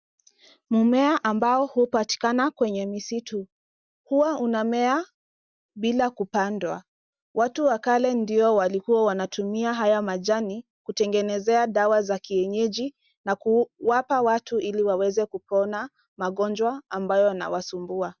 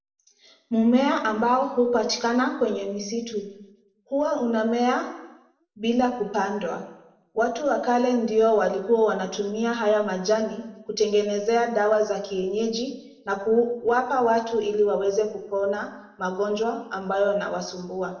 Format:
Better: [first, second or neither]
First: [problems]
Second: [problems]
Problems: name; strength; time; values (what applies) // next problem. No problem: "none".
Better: first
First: none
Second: room echo; dies away in 0.7 s